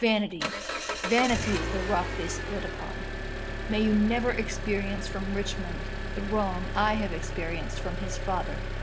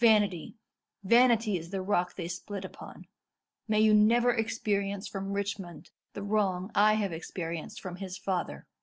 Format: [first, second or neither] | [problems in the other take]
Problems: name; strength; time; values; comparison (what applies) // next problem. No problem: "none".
second | background sound (Engine); 2 dB below the speech